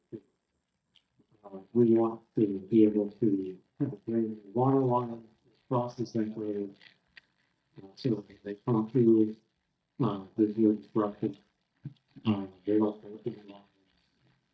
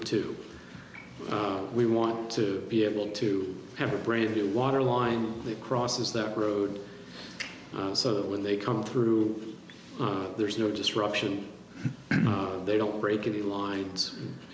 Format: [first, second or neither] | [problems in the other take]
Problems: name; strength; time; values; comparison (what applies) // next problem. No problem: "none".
second | noise reduction (neural mask model DeepFilterNet 3)